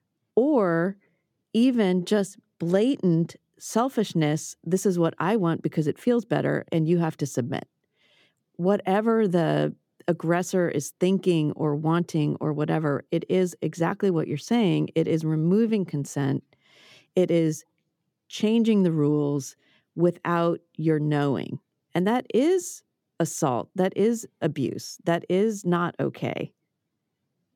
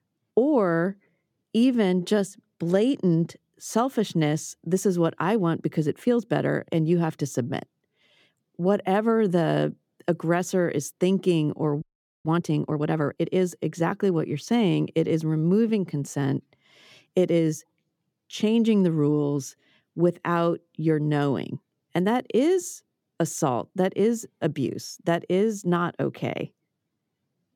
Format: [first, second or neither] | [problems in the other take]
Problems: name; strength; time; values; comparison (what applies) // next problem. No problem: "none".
first | audio freezing; at 12 s